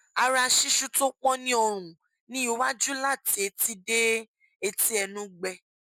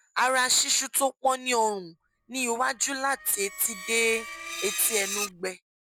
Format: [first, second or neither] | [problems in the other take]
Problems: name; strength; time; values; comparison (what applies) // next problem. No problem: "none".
first | background sound (Screech); 10 dB below the speech